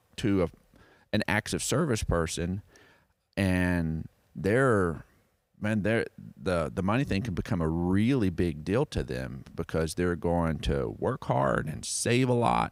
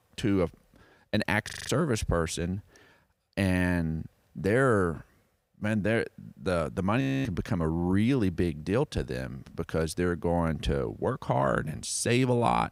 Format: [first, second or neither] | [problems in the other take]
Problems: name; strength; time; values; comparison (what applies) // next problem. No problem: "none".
first | audio freezing; at 1.5 s and at 7 s